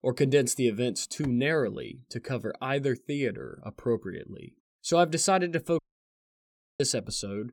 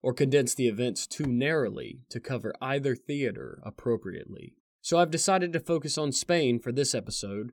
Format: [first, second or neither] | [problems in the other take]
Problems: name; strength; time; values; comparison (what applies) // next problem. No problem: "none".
second | audio cutting out; at 6 s for 1 s